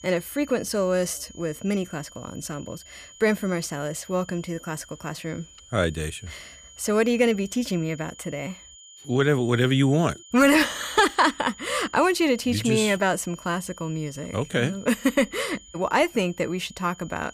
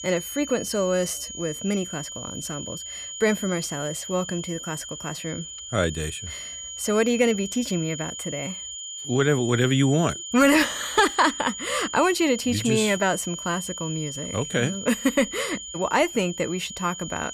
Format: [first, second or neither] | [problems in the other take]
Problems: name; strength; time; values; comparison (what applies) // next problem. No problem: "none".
first | high-pitched whine; loud; throughout; 7 kHz, 9 dB below the speech; faint in the first